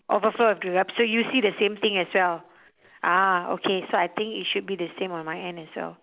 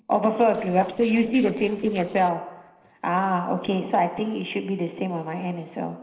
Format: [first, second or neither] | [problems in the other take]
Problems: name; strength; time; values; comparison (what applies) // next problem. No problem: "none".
first | noise reduction (neural separator model SepFormer DNS4)